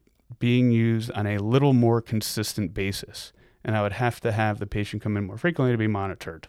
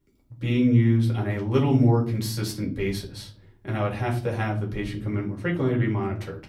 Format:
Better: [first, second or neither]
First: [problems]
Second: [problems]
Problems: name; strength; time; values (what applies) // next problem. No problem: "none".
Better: first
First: none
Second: off-mic speech; far // room echo; very slight; dies away in 0.6 s